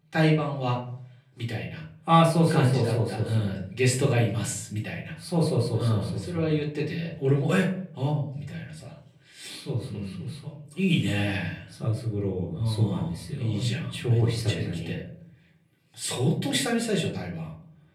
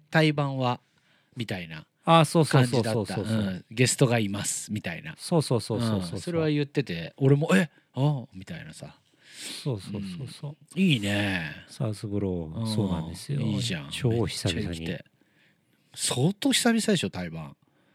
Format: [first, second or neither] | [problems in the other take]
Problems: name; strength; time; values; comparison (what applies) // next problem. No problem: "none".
second | off-mic speech; far // room echo; slight; dies away in 0.6 s